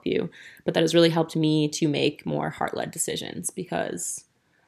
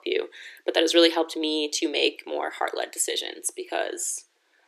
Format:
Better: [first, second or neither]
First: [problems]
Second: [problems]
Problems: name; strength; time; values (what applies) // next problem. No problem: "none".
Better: first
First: none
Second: thin; very; fading below 350 Hz